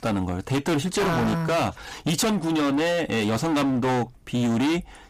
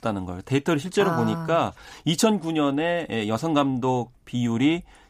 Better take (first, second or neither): second